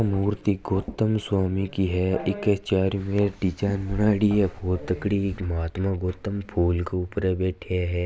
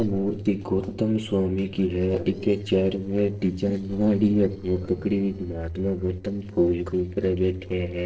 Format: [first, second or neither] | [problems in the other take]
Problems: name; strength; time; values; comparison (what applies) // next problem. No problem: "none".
first | noise reduction (neural separator model SepFormer DNS4)